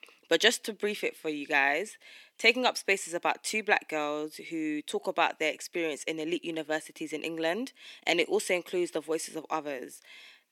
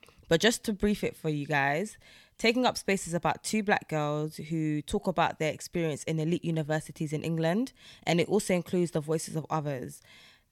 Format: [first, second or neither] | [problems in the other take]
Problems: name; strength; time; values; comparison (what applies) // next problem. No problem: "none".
second | thin; somewhat; fading below 300 Hz